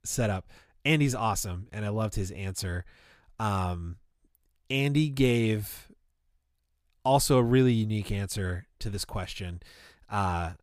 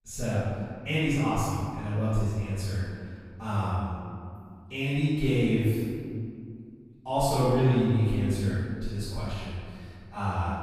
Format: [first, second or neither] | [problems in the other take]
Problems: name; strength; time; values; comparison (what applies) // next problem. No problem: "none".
first | off-mic speech; far // room echo; strong; dies away in 2.1 s